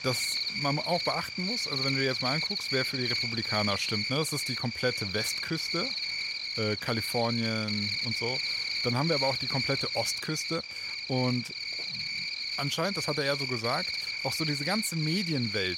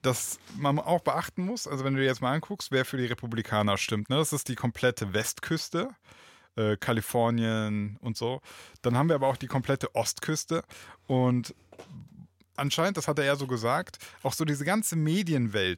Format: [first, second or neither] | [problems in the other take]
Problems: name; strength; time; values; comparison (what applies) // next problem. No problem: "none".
second | animal sounds; very loud; throughout; 2 dB above the speech